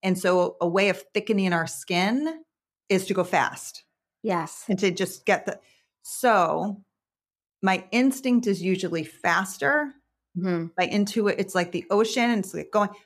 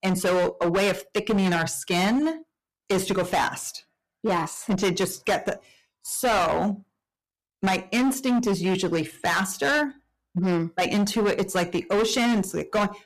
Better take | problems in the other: first | distortion; heavy; 16% of the sound clipped

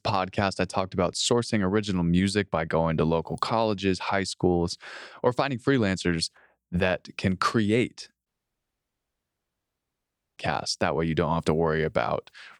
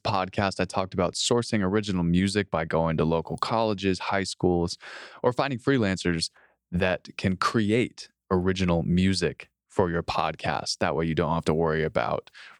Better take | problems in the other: second | audio cutting out; at 8.5 s for 2 s

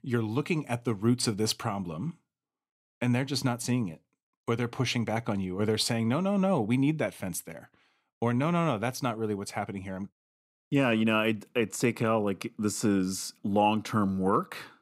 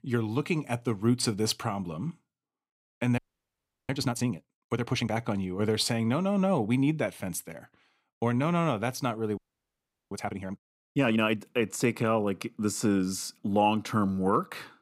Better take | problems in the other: first | audio freezing; at 3 s for 0.5 s and at 9.5 s for 0.5 s

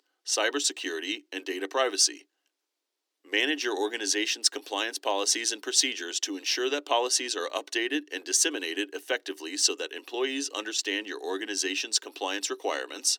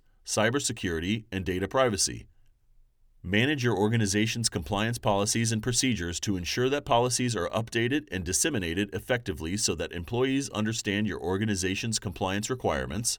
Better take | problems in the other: second | thin; somewhat; fading below 300 Hz

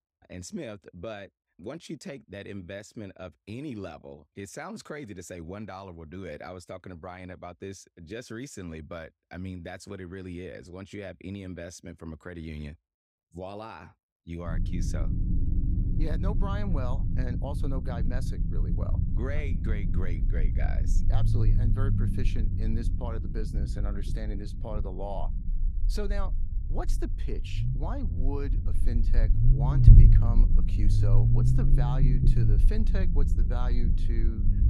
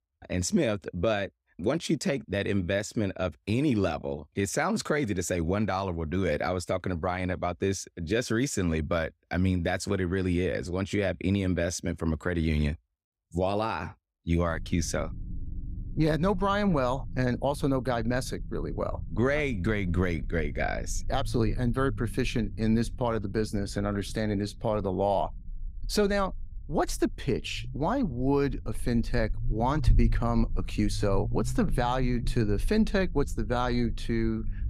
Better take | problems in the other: second | low rumble; loud; from 14 s on; 1 dB below the speech; faint in the second

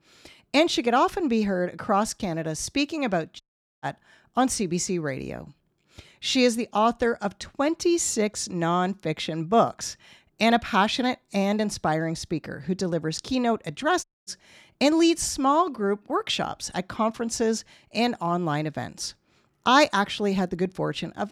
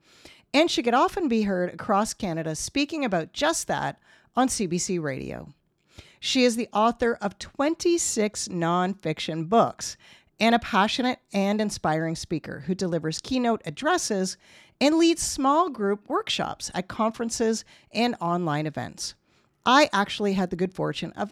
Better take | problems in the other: second | audio cutting out; at 3.5 s and at 14 s

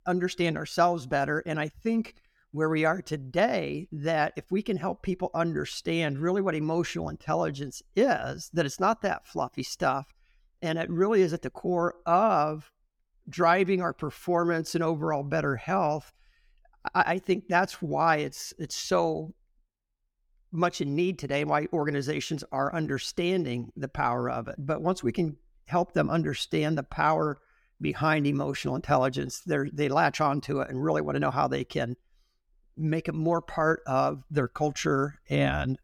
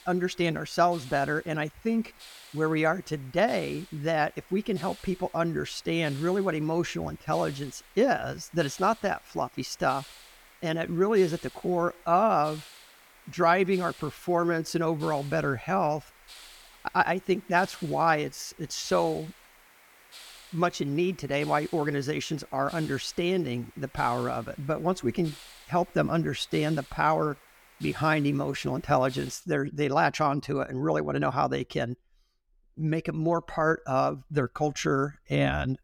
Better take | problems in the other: first | hiss; faint; until 29 s; 20 dB below the speech

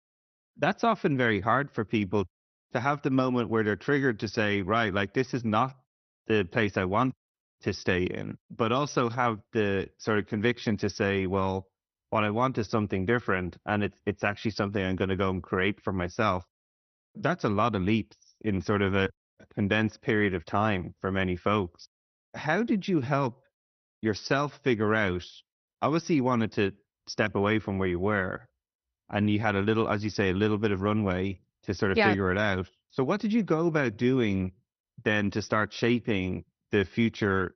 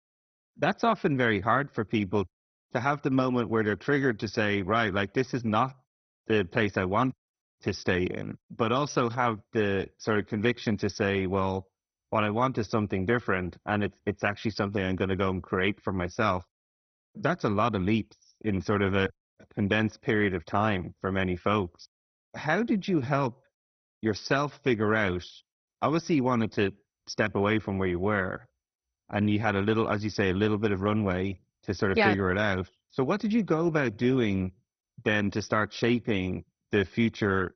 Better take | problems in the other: first | garbled, watery; badly; nothing above 6 kHz; slightly in the first

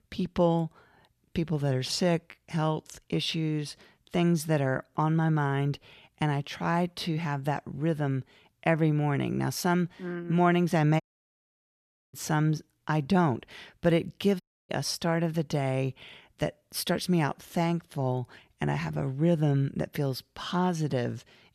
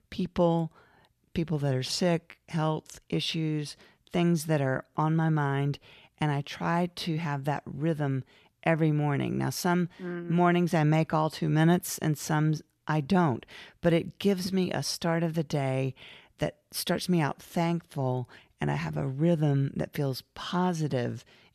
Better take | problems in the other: second | audio cutting out; at 11 s for 1 s and at 14 s

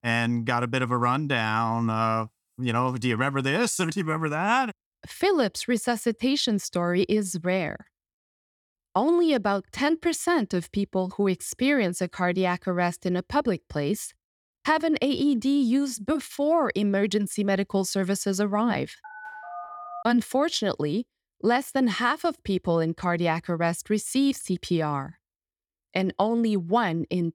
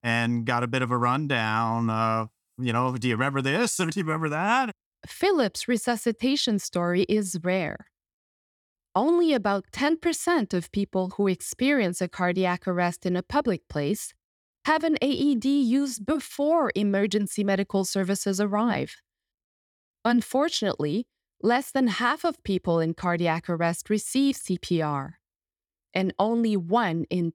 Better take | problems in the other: second | phone ringing; faint; at 19 s; peak 15 dB below the speech

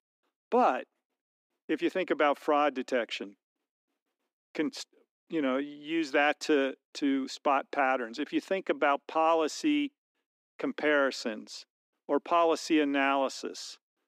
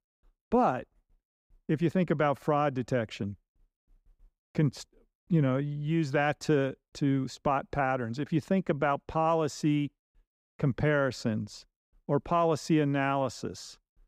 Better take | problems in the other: second | thin; very slightly; fading below 250 Hz

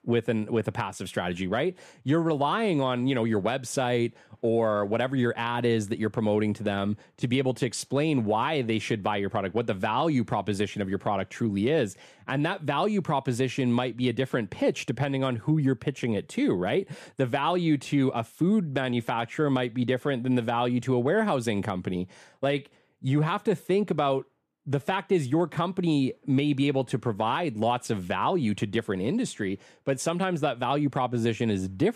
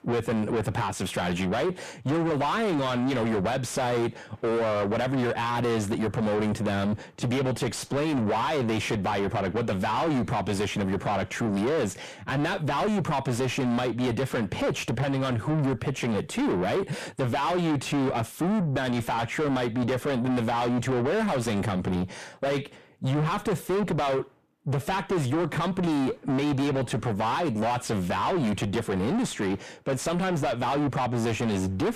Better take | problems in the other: first | distortion; heavy; 5 dB below the speech

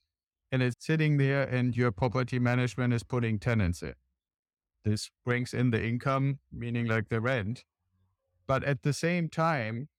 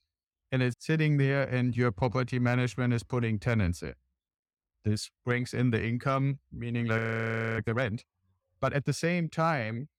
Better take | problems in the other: first | audio freezing; at 7 s for 0.5 s

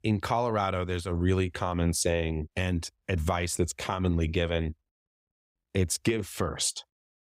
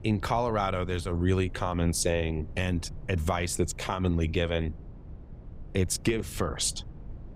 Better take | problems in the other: first | low rumble; faint; throughout; 25 dB below the speech

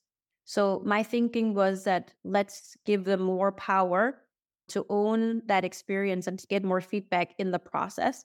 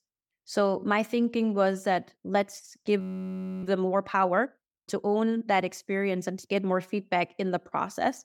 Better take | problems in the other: first | audio freezing; at 3 s for 0.5 s

